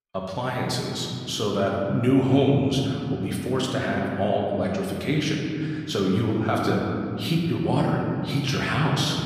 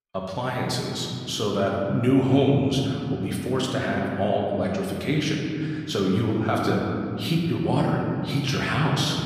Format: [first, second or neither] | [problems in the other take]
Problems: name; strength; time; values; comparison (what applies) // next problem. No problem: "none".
neither | room echo; noticeable; dies away in 3 s; the same in both // off-mic speech; somewhat distant; the same in both